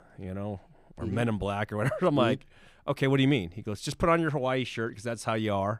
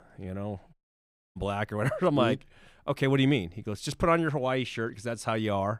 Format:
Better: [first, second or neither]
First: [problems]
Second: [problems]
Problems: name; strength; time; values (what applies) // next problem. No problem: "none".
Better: first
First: none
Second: audio cutting out; at 0.5 s for 0.5 s